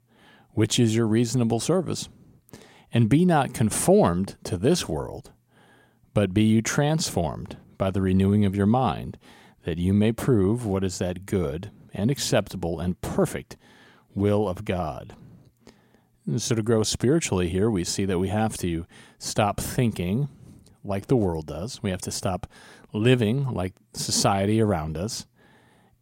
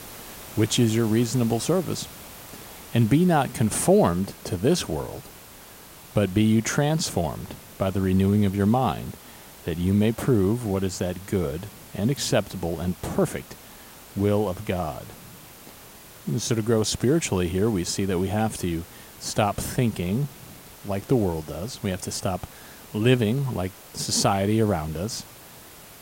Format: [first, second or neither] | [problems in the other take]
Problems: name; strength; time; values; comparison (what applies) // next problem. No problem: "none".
first | hiss; noticeable; throughout; 20 dB below the speech